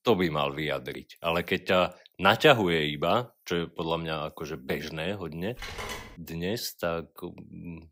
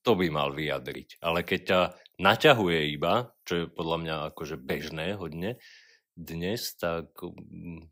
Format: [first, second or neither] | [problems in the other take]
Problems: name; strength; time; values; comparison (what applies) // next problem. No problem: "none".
second | phone ringing; noticeable; at 5.5 s; peak 8 dB below the speech